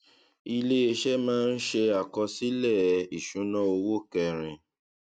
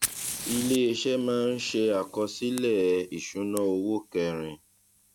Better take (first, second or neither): first